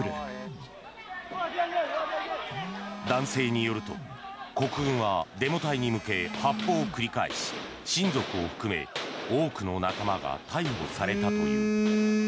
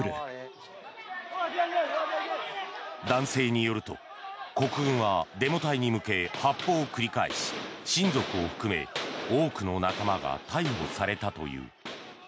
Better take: second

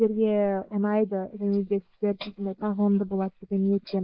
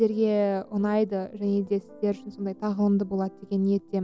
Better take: second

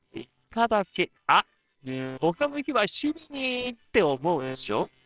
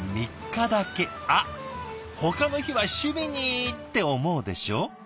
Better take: second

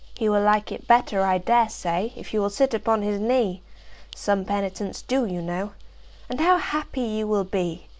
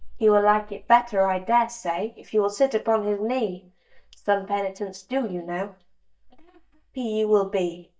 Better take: first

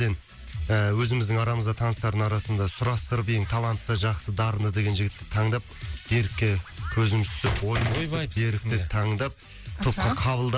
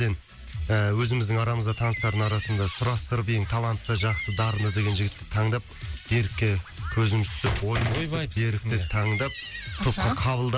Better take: first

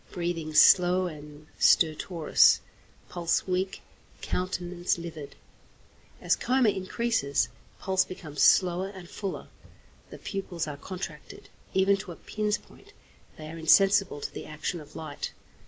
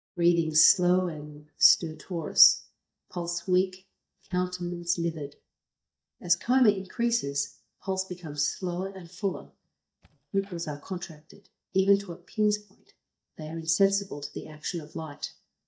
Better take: first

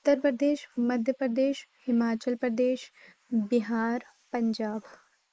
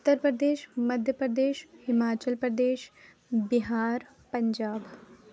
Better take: second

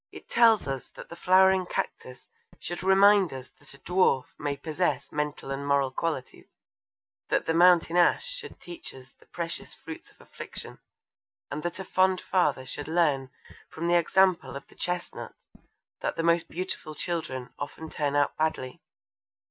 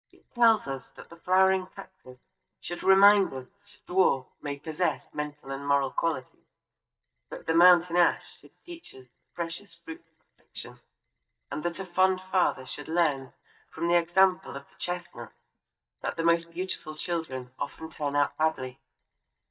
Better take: first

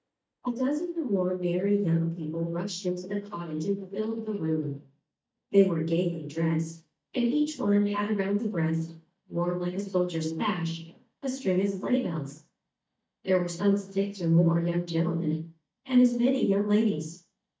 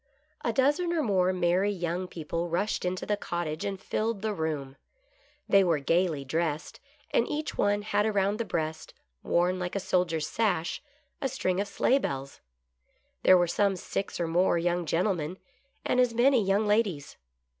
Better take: second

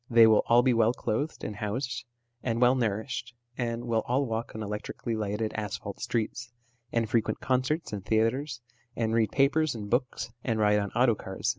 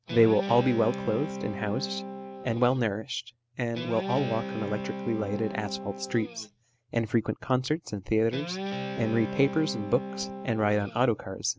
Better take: first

